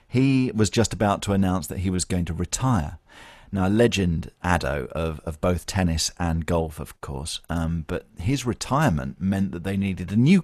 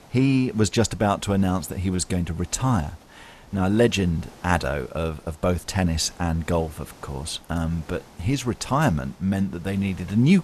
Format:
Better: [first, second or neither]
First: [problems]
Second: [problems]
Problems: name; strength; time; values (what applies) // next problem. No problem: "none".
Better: first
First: none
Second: hiss; faint; throughout; 25 dB below the speech